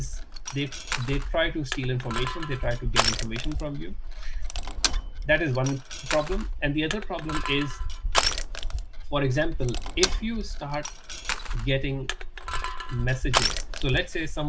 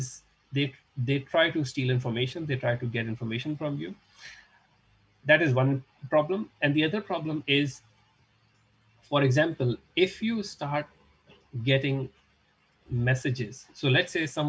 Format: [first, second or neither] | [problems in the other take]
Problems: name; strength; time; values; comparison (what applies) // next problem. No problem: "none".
second | background sound (Crushing); 2 dB above the speech